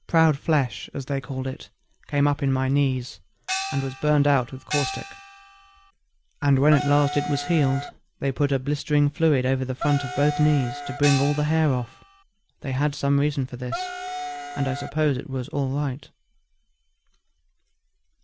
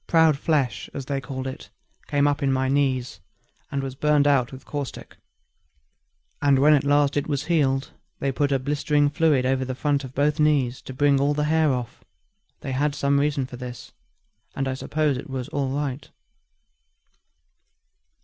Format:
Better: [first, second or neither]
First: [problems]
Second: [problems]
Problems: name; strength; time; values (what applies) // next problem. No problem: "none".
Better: second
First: background sound (Gong + Wind instrument, woodwind instrument); 8 dB below the speech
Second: none